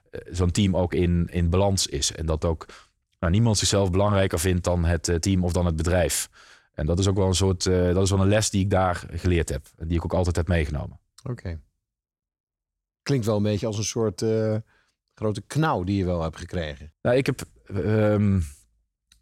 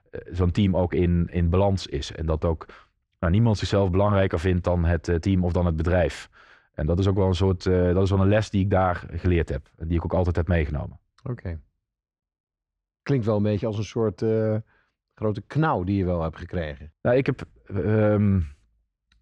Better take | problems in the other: first | muffled; slightly; fading above 2.5 kHz

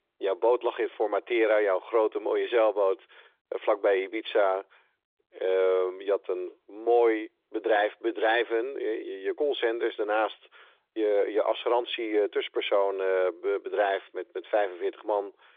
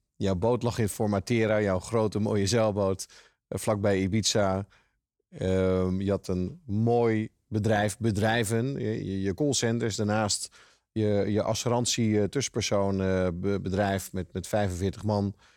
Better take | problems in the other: second | phone-call audio; nothing above 3.5 kHz

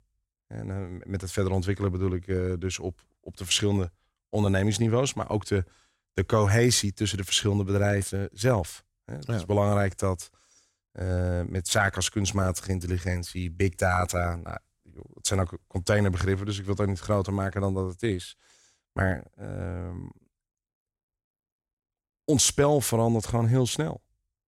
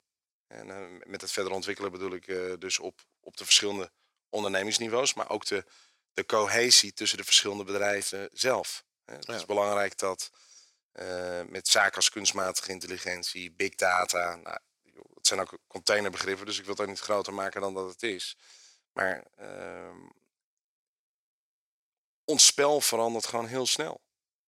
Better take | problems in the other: first | thin; very; fading below 450 Hz

